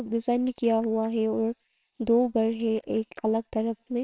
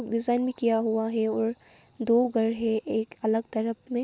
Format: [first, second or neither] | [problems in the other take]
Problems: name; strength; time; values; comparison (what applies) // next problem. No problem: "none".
second | noise reduction (neural separator model SepFormer WHAMR!)